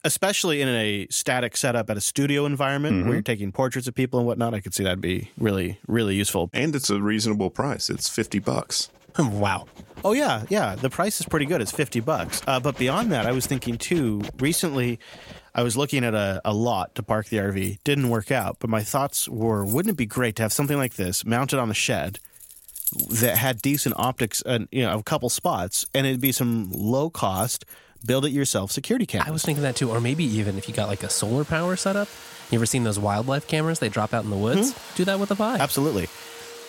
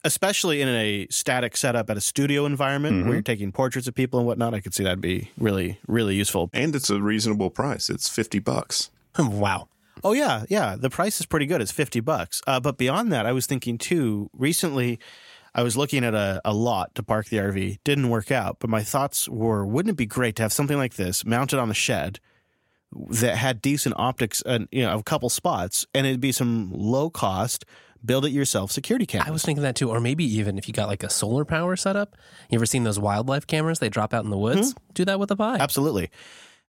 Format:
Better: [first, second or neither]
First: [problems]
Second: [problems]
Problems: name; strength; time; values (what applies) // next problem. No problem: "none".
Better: second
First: household noises; noticeable; from 8 s on; 10 dB below the speech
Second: none